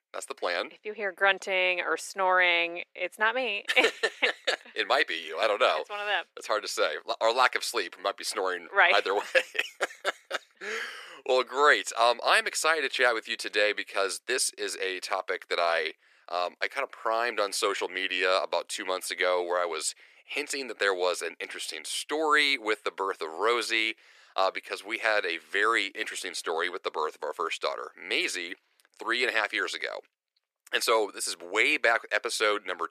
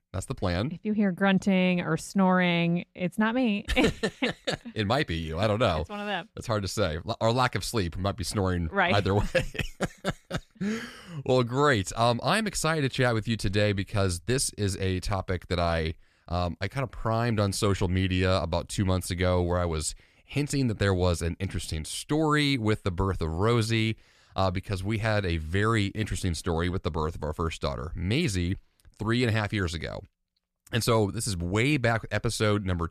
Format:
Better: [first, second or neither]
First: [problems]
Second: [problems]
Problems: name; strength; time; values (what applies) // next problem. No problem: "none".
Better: second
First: thin; very; fading below 400 Hz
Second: none